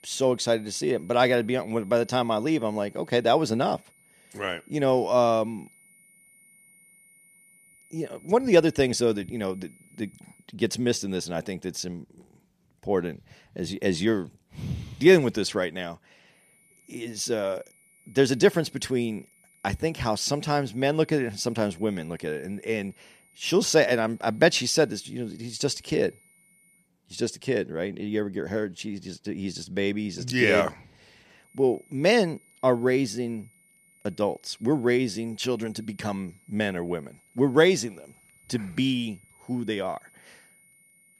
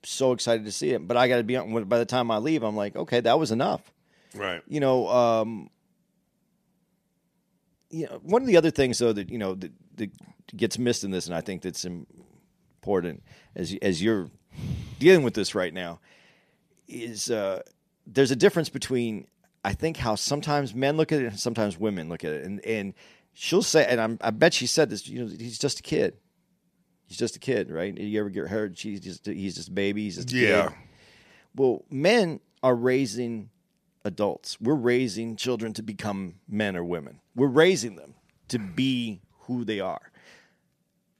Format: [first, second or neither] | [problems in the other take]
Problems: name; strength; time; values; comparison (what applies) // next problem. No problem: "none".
second | high-pitched whine; faint; until 10 s, from 16 to 27 s and from 31 s on; 2 kHz, 30 dB below the speech